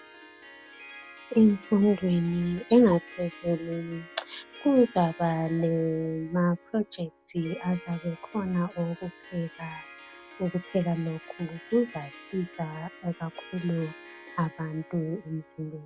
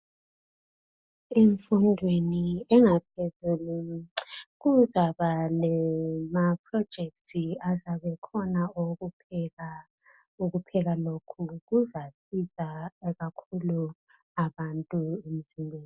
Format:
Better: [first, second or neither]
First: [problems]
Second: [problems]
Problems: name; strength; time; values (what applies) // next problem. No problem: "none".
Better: second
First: background sound (Harp); 20 dB below the speech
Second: none